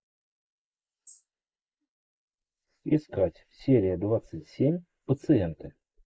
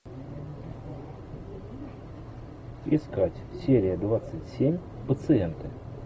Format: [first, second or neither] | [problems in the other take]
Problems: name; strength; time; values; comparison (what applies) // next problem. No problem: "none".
second | noise reduction (neural mask model Resemble Enhance denoiser)